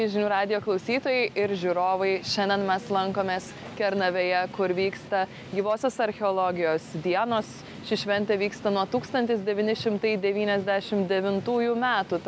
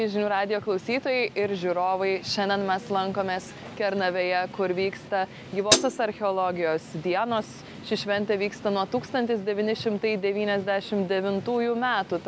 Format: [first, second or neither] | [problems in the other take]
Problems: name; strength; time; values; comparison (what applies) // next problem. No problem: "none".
first | background sound (Hi-hat); 1 dB below the speech